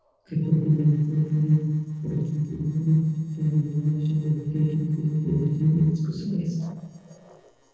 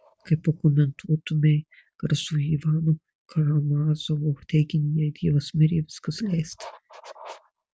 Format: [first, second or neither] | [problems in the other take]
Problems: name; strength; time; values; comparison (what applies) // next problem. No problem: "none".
second | noise reduction (neural separator model SepFormer DNS4)